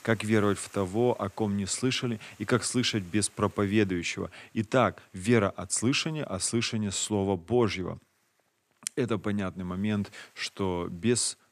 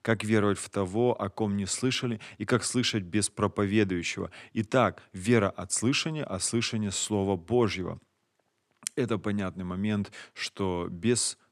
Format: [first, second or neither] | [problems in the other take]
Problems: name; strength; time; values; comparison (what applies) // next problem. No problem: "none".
second | household noises; faint; throughout; 30 dB below the speech